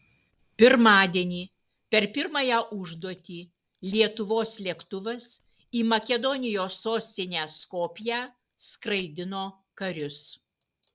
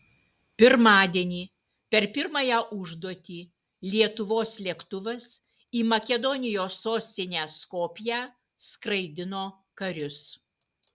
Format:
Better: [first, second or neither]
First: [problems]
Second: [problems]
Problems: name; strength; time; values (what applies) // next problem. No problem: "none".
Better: second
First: noise reduction (neural separator model SepFormer DNS4)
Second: none